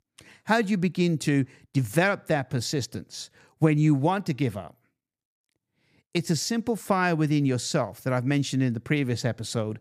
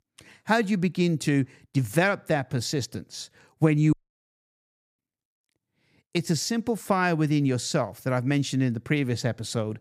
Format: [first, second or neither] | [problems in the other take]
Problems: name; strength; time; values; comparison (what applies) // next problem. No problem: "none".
first | audio cutting out; at 4 s for 1 s